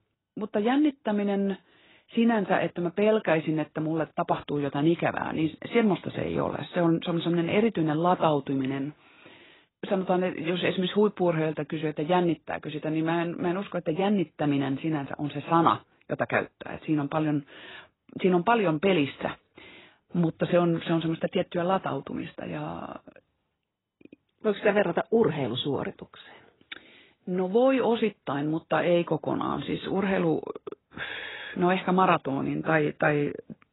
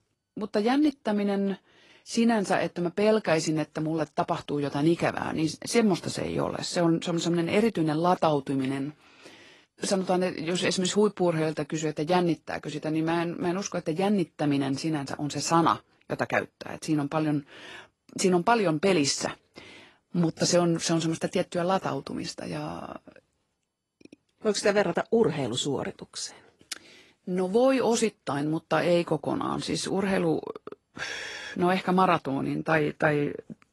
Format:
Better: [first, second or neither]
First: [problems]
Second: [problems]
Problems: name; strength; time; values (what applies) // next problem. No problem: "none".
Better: second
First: garbled, watery; badly; nothing above 4 kHz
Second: garbled, watery; slightly; nothing above 11 kHz